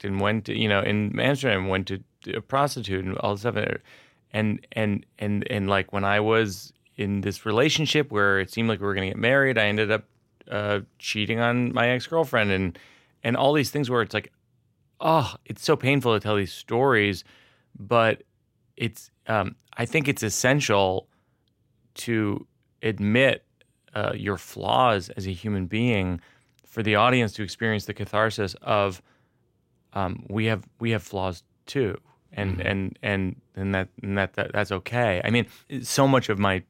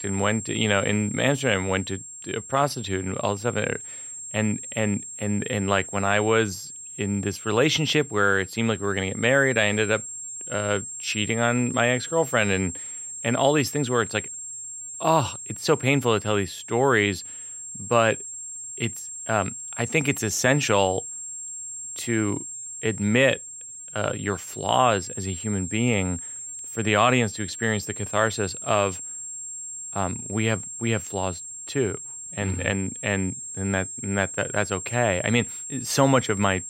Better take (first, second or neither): first